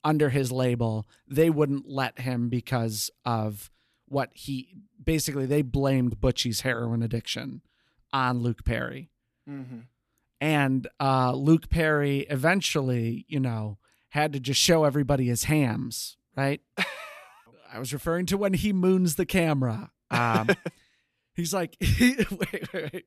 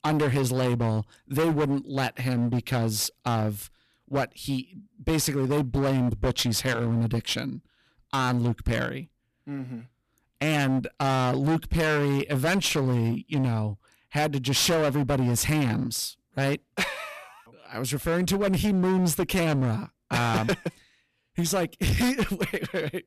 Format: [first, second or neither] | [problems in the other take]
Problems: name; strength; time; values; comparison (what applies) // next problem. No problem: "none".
first | distortion; heavy; 19% of the sound clipped